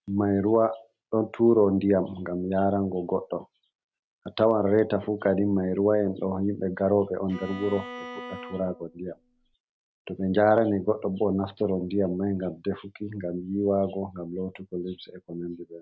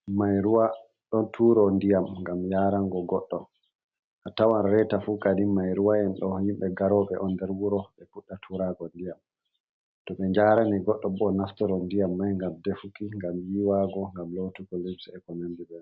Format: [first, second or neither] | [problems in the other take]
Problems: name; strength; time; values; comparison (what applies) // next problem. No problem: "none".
second | background sound (Bowed string instrument); 15 dB below the speech